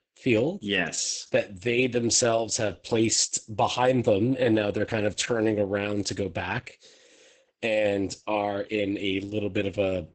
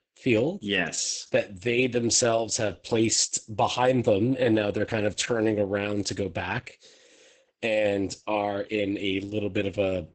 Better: neither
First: garbled, watery; badly; nothing above 8 kHz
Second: garbled, watery; badly; nothing above 8 kHz

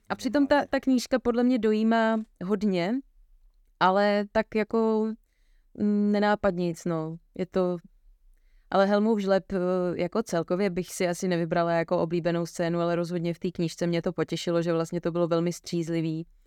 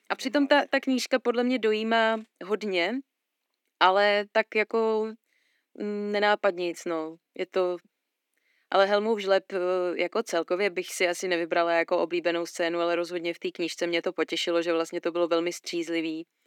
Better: first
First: none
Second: thin; somewhat; fading below 250 Hz

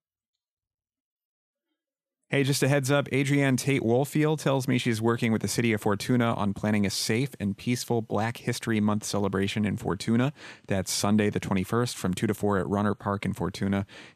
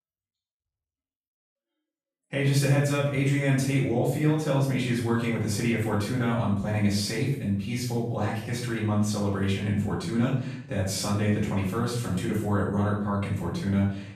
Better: first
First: none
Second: room echo; noticeable; dies away in 0.6 s // off-mic speech; far

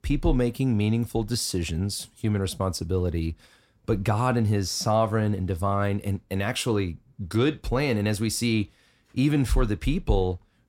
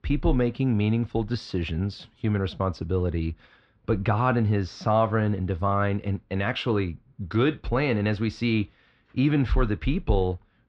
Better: first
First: none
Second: muffled; slightly; fading above 3.5 kHz

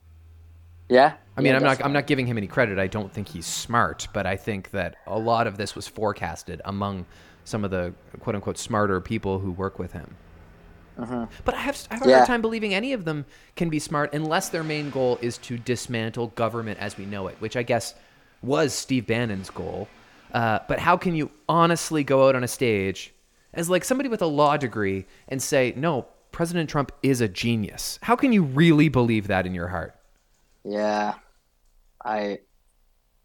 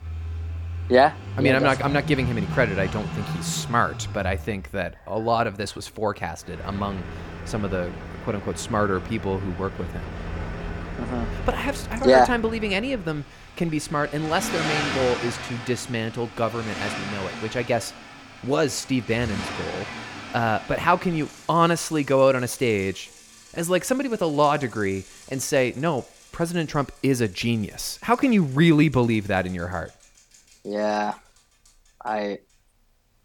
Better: first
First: traffic noise; faint; throughout; 30 dB below the speech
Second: traffic noise; loud; throughout; 10 dB below the speech

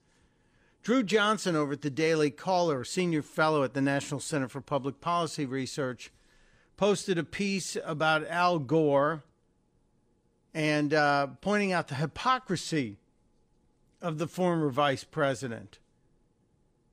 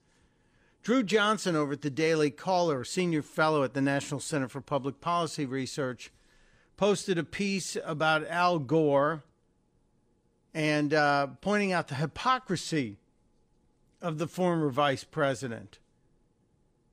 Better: neither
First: none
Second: none

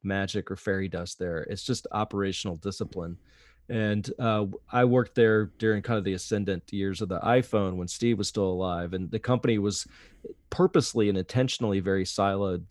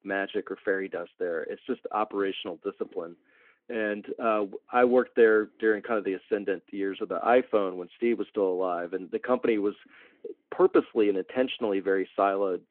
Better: first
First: none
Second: phone-call audio

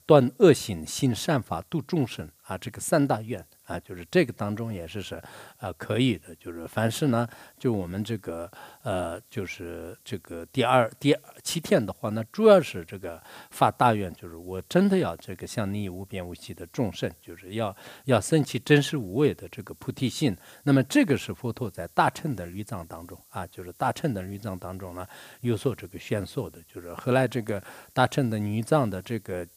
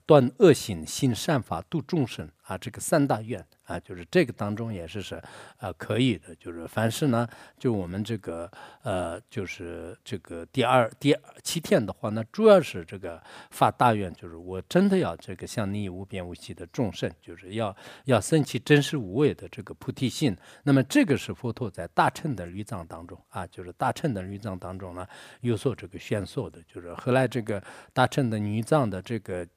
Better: second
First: hiss; faint; throughout; 30 dB below the speech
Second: none

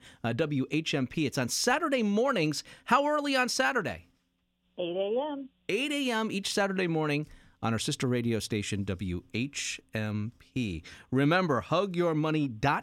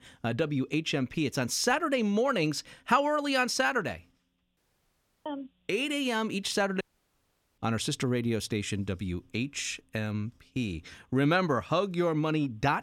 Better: first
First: none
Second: audio cutting out; at 4.5 s for 0.5 s and at 7 s for 1 s

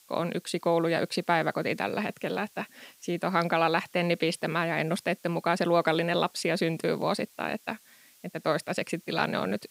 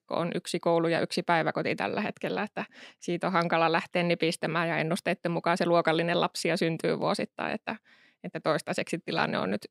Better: second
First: hiss; faint; throughout; 25 dB below the speech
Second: none

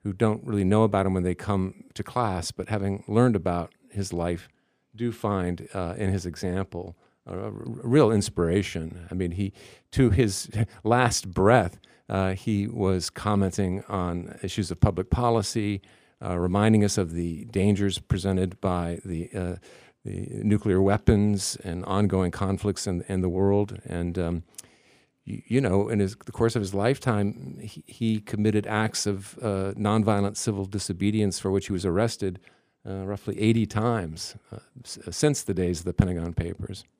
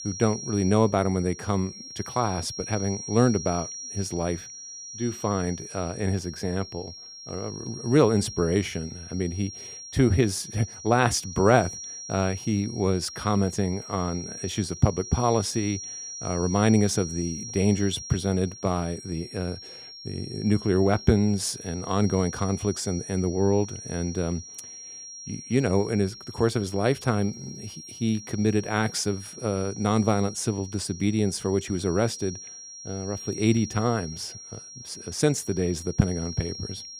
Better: first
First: none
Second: high-pitched whine; noticeable; throughout; 5.5 kHz, 10 dB below the speech

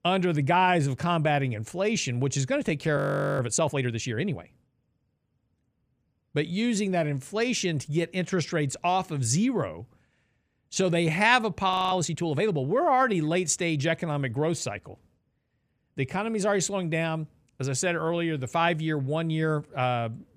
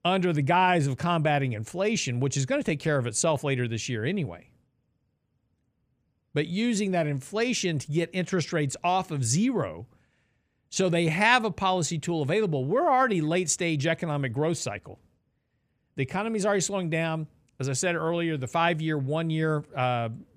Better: second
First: audio freezing; at 3 s and at 12 s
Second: none

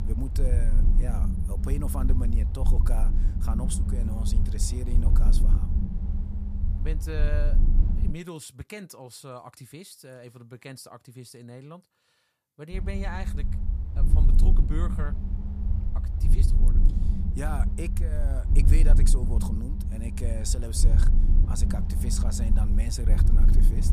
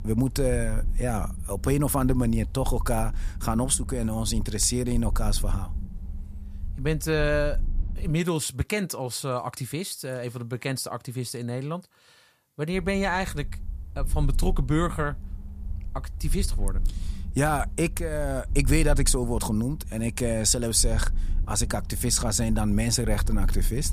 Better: second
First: low rumble; loud; until 8 s and from 13 s on; 3 dB below the speech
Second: low rumble; faint; until 8 s and from 13 s on; 20 dB below the speech

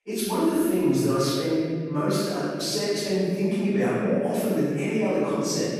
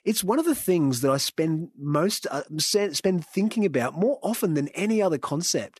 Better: second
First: room echo; strong; dies away in 2 s // off-mic speech; far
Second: none

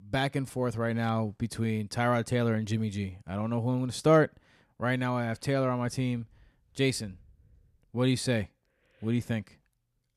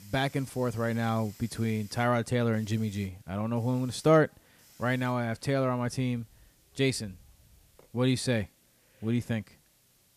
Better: first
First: none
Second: hiss; faint; throughout; 25 dB below the speech

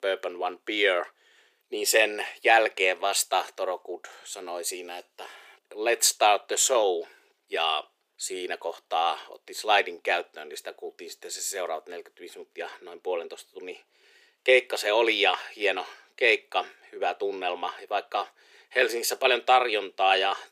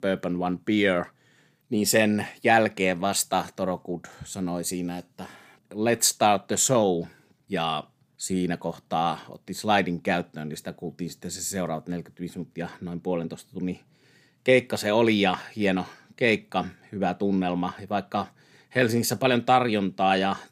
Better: second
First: thin; very; fading below 400 Hz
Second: none

